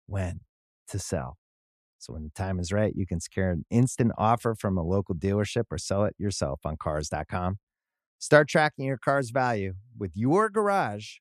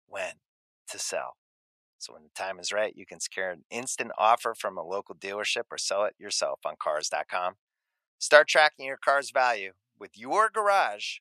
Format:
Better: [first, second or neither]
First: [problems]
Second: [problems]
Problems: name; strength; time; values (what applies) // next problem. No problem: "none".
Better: first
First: none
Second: thin; very; fading below 850 Hz